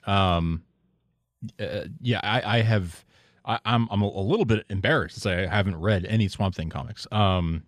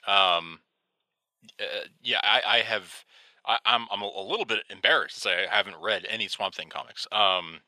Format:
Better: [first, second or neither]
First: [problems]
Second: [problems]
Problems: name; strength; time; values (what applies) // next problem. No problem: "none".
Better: first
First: none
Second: thin; very; fading below 700 Hz